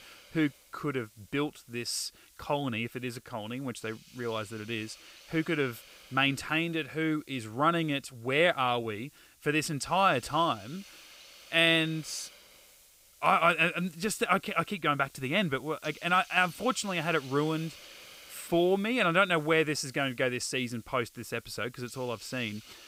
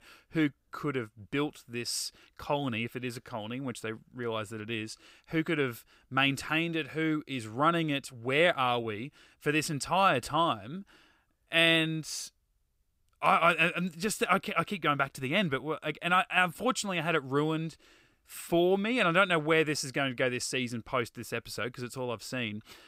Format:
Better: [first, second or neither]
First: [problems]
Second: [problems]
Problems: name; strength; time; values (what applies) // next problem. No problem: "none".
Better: second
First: hiss; faint; throughout; 25 dB below the speech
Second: none